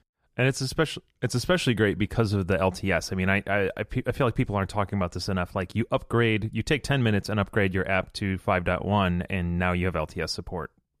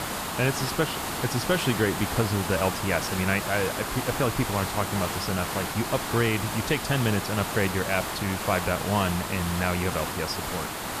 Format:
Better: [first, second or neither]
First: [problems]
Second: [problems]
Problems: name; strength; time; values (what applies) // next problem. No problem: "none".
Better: first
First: none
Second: hiss; loud; throughout; 3 dB below the speech